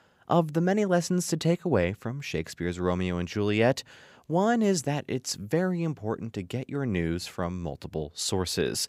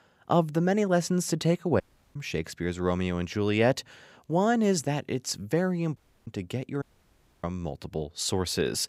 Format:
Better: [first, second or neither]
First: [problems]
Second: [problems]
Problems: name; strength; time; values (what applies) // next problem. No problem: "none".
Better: first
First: none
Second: audio cutting out; at 2 s, at 6 s and at 7 s for 0.5 s